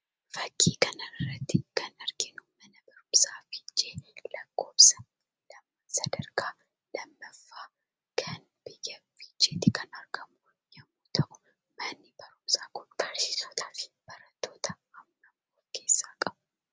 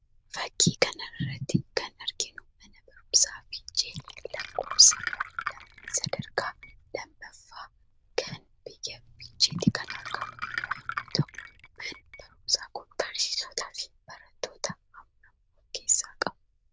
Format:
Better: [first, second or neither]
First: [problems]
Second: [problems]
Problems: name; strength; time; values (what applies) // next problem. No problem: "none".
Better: first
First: none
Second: noise reduction (neural diffusion model UNIVERSE++)